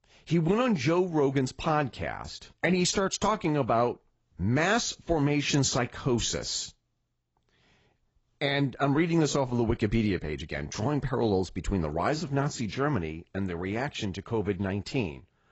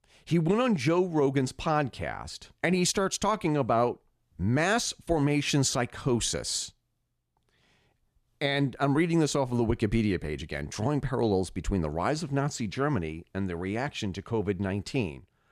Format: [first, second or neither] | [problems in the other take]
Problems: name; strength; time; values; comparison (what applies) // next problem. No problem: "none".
second | garbled, watery; badly; nothing above 8 kHz